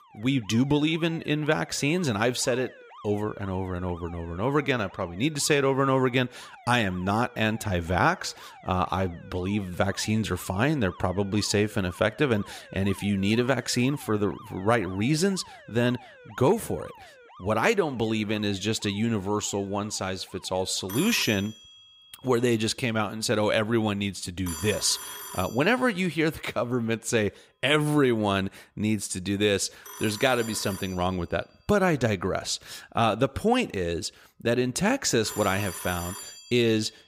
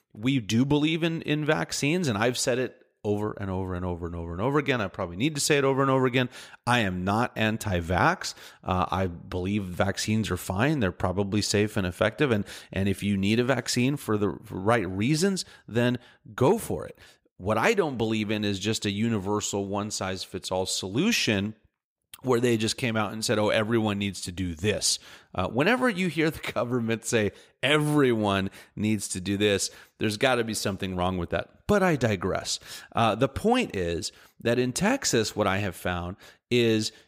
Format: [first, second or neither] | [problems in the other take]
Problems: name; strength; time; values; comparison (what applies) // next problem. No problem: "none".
second | alarms or sirens; noticeable; throughout; 15 dB below the speech